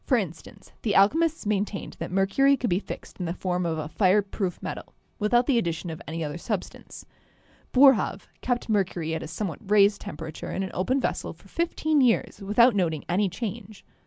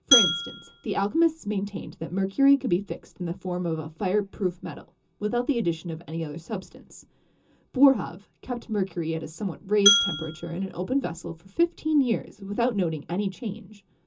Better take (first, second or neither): first